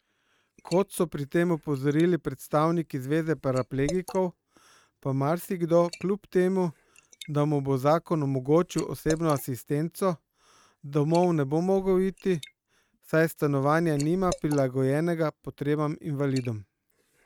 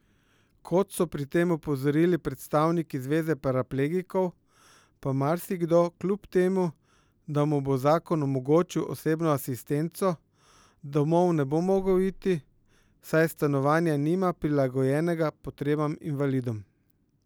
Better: second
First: noise reduction (neural mask model RNNoise)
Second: none

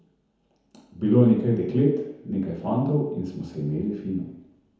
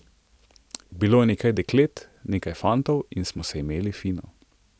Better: second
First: room echo; dies away in 1 s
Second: none

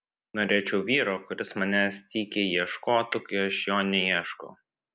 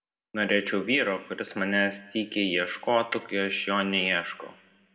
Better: first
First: none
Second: room echo; dies away in 0.8 s

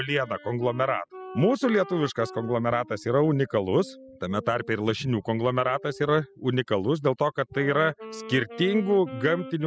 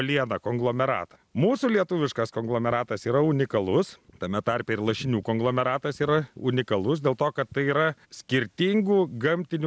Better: second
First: noise reduction (classical method spectral subtraction)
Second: none

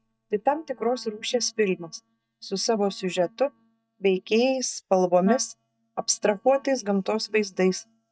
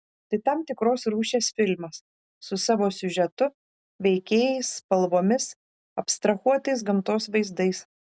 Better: second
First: noise reduction (neural mask model DeepFilterNet 3)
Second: none

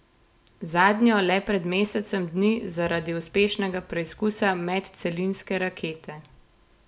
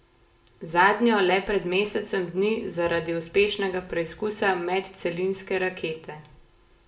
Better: first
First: none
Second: room echo; dies away in 0.4 s

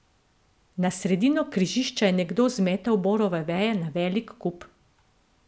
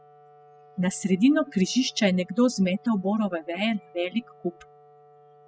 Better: first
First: none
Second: noise reduction (classical method spectral subtraction)

